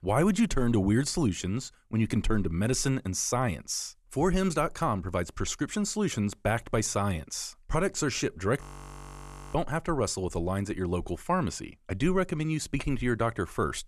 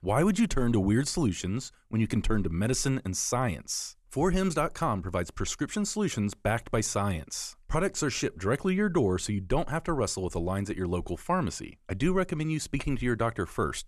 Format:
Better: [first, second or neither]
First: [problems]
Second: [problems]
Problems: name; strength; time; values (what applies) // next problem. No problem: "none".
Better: second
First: audio freezing; at 8.5 s for 1 s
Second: none